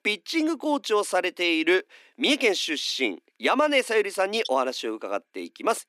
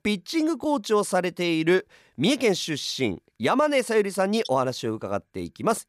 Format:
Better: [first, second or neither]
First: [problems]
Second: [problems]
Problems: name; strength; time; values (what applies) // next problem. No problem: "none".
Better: second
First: thin; very slightly; fading below 250 Hz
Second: none